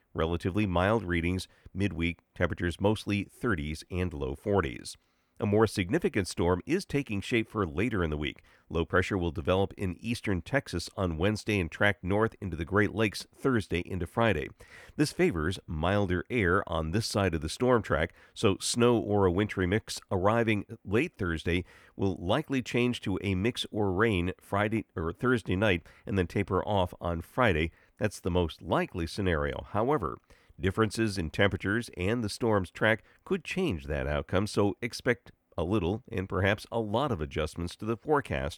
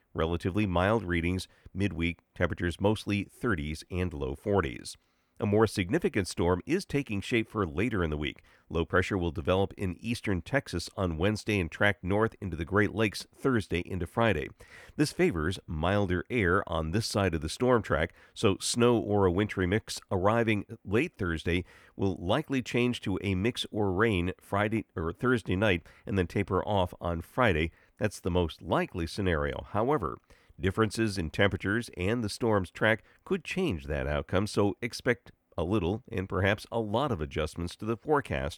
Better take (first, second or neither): neither